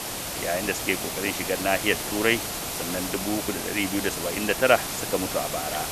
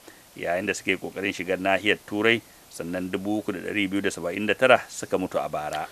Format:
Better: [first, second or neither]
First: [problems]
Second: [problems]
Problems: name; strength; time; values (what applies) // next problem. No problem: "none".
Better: second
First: hiss; loud; throughout; 3 dB below the speech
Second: hiss; faint; throughout; 25 dB below the speech